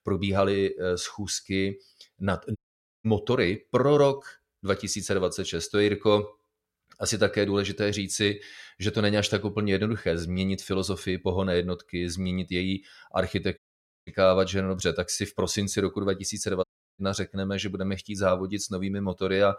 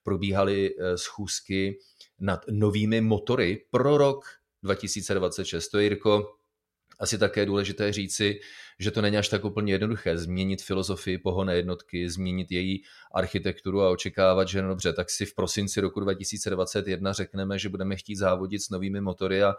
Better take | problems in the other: second | audio cutting out; at 2.5 s, at 14 s and at 17 s

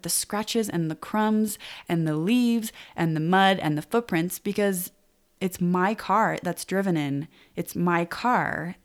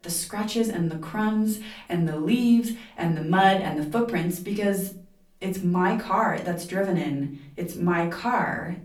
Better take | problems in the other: first | off-mic speech; far // room echo; slight; dies away in 0.4 s

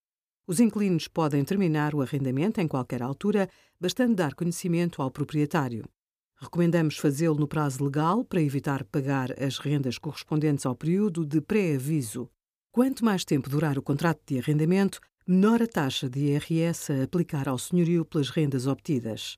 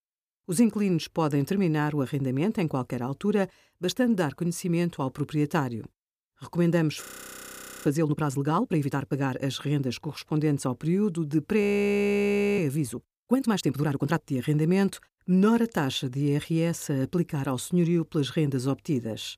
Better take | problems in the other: first | audio freezing; at 7 s for 1 s and at 12 s for 1 s

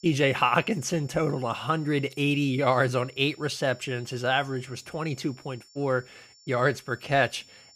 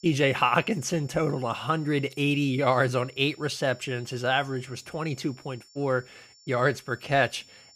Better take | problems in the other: neither | high-pitched whine; faint; throughout; 5.5 kHz, 25 dB below the speech; the same in both

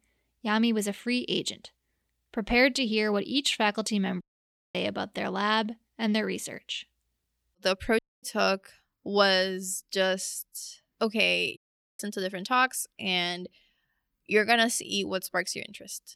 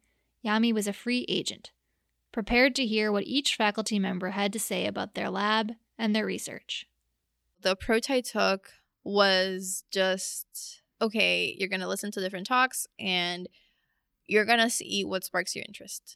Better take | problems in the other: second | audio cutting out; at 4 s for 0.5 s, at 8 s and at 12 s

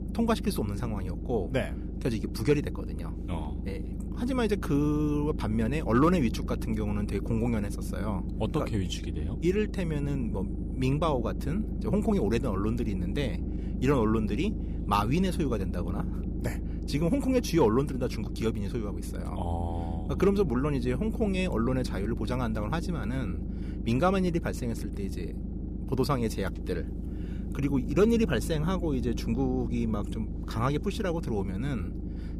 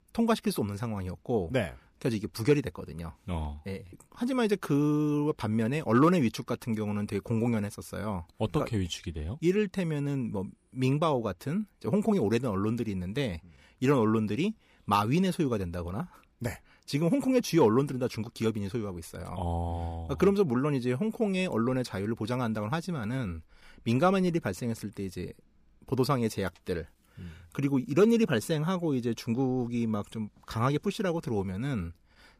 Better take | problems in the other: second | low rumble; noticeable; throughout; 10 dB below the speech

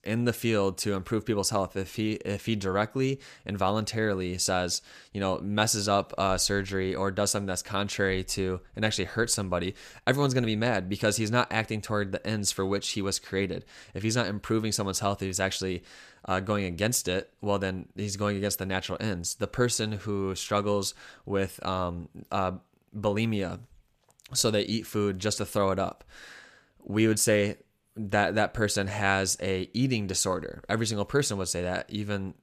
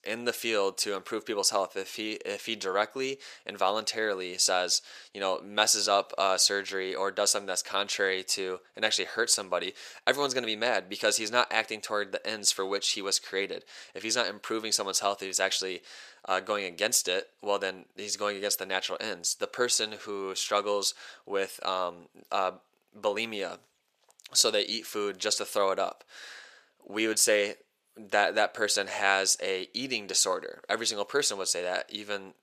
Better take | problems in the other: first | thin; very; fading below 500 Hz

